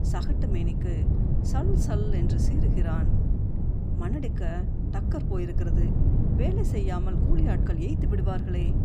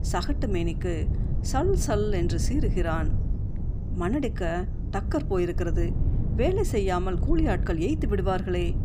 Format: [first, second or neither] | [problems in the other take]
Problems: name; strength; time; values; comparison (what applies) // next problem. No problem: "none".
second | wind noise on the microphone; heavy; 1 dB below the speech; occasional gusts in the second